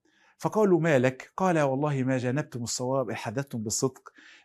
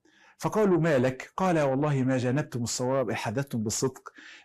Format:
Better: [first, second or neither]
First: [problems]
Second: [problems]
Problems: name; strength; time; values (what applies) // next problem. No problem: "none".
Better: first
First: none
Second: distortion; slight; 10 dB below the speech